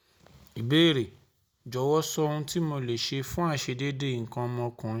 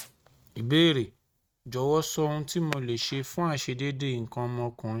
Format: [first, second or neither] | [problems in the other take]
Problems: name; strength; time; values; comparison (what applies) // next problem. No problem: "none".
first | noise reduction (neural mask model RNNoise)